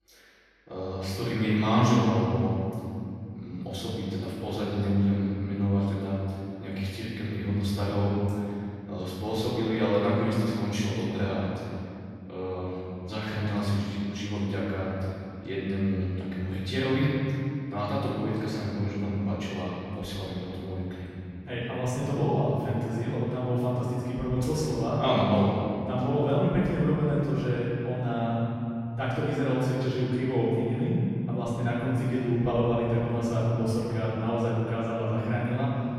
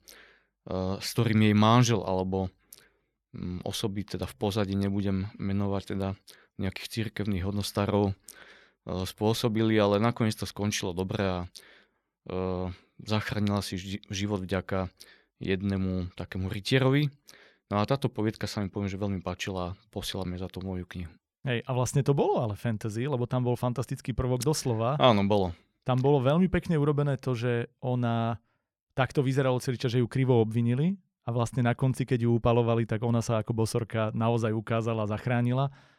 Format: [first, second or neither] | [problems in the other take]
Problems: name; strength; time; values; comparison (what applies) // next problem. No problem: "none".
second | off-mic speech; far // room echo; strong; dies away in 2.7 s